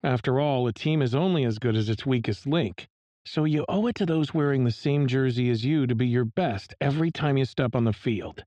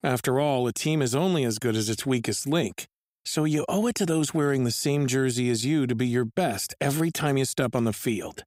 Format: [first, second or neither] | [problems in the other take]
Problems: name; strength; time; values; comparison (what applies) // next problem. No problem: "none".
second | muffled; slightly; fading above 4 kHz